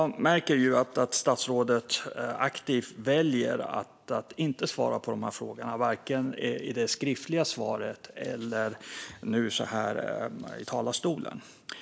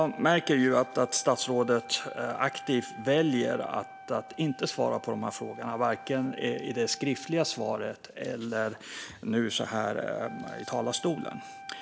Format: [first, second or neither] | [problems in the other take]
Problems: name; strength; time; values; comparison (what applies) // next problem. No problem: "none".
first | background sound (Wind instrument, woodwind instrument); 17 dB below the speech